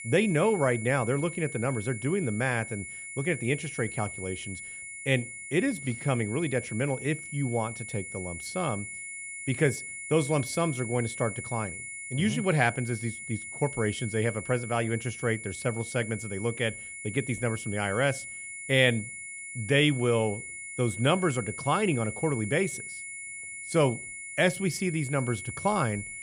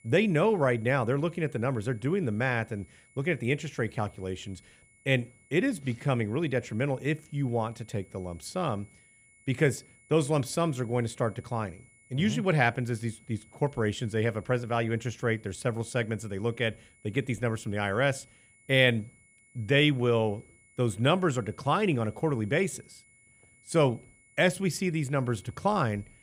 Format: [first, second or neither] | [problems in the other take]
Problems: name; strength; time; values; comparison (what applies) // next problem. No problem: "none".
second | high-pitched whine; loud; throughout; 2 kHz, 9 dB below the speech; faint in the second